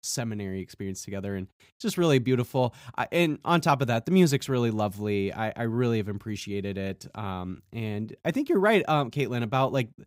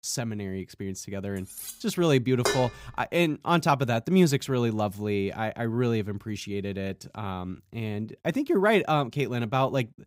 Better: first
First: none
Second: clattering dishes; faint; at 1.5 s; peak 10 dB below the speech // clattering dishes; noticeable; at 2.5 s; peak 1 dB below the speech

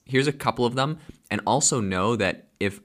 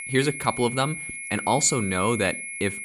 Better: first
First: none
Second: high-pitched whine; loud; throughout; 2 kHz, 7 dB below the speech

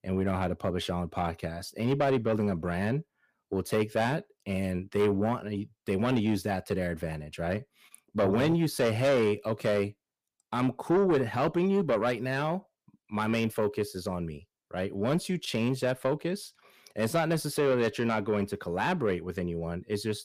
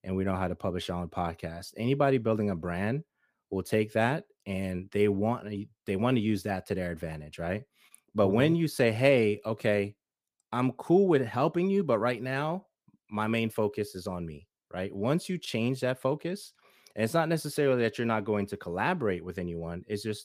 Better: second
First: distortion; slight; 10 dB below the speech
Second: none

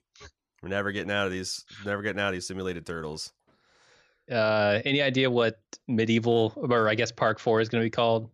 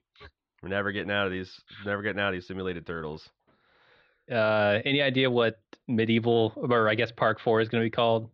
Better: first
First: none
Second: muffled; slightly; fading above 4 kHz

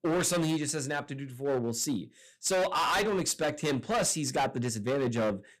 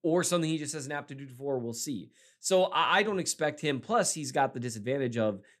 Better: second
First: distortion; heavy; 18% of the sound clipped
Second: none

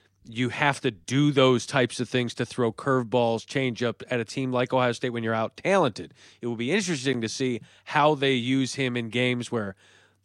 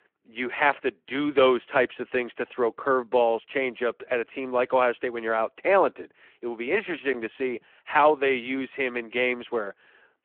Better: first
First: none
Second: phone-call audio

